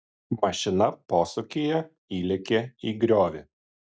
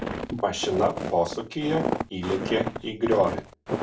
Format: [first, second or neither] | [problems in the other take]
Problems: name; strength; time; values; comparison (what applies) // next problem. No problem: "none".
first | background sound (Walk, footsteps); 4 dB below the speech // room echo; dies away in 0.2 s